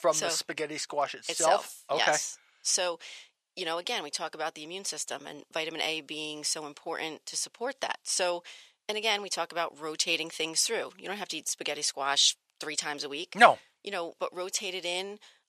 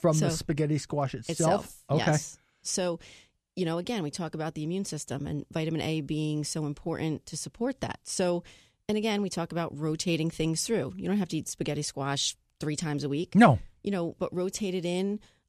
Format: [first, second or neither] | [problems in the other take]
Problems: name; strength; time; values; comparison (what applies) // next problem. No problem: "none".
second | thin; very; fading below 750 Hz